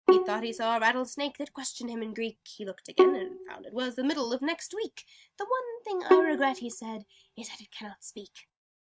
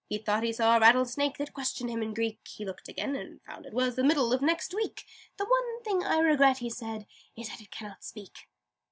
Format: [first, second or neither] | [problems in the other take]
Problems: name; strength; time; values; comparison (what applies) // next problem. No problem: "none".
second | noise reduction (neural mask model RNNoise)